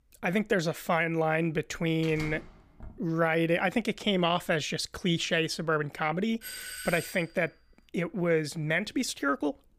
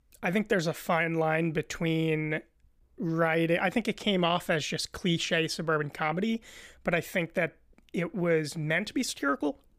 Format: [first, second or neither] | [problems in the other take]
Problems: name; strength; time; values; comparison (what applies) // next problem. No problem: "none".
second | door banging; faint; at 2 s; peak 15 dB below the speech // doorbell; noticeable; at 6.5 s; peak 8 dB below the speech